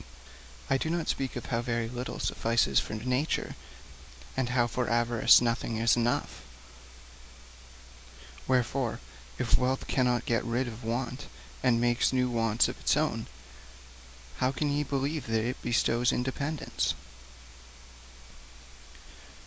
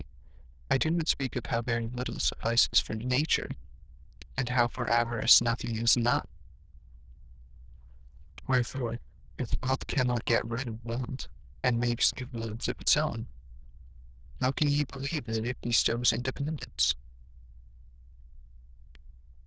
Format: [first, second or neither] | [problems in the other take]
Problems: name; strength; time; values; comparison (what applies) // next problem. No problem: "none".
first | noise reduction (neural diffusion model UNIVERSE++)